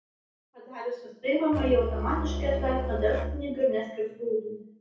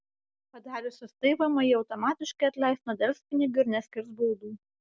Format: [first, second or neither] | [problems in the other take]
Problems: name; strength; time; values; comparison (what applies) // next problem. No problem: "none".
second | background sound (Musical instrument); 3 dB below the speech // room echo; dies away in 0.6 s